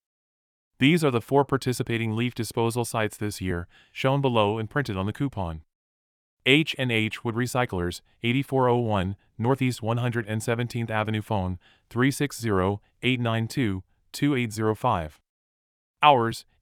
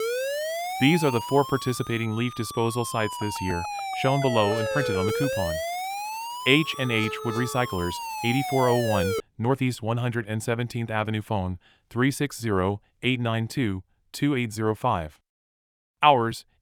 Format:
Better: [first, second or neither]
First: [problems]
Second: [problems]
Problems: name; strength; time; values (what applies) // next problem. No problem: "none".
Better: first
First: none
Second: siren; noticeable; until 9 s; peak 1 dB below the speech